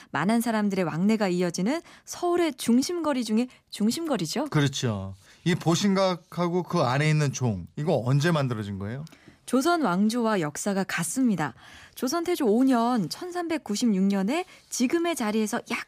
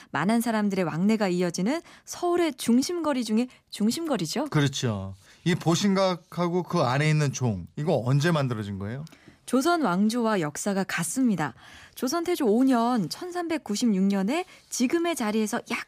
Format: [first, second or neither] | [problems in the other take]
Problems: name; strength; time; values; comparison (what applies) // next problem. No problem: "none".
neither | none